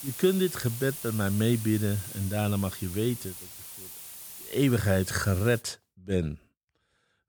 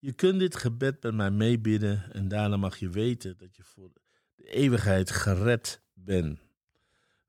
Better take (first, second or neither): second